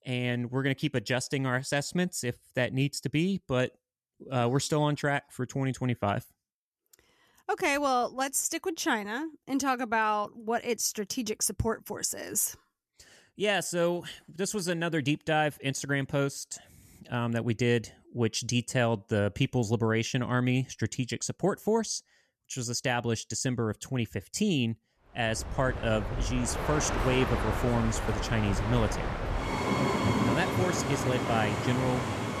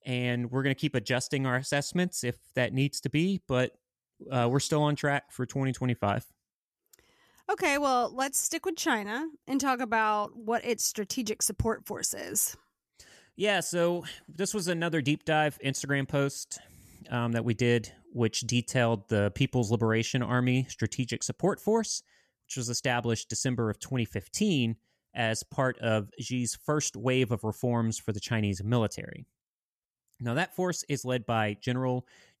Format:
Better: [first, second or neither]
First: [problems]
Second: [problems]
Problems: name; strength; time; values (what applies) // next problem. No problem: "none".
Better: second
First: train or aircraft noise; loud; from 25 s on; 2 dB below the speech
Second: none